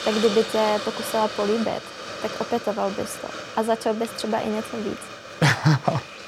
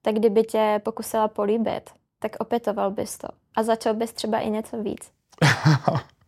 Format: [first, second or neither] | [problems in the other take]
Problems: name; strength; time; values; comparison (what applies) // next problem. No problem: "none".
second | hiss; loud; throughout; 9 dB below the speech